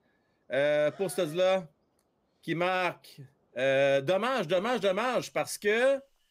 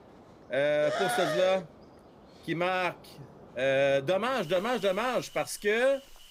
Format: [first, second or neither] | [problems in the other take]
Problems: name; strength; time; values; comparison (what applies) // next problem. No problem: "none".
first | animal sounds; loud; throughout; 6 dB below the speech; faint in the first